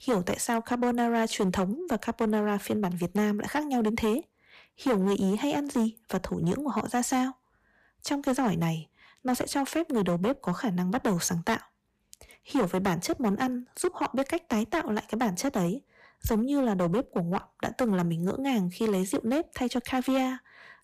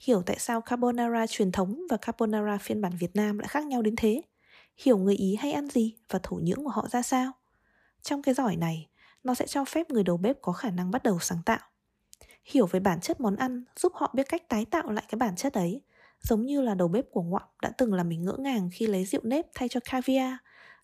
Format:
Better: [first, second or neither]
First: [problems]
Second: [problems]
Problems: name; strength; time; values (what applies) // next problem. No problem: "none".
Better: second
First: distortion; slight; 9% of the sound clipped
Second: none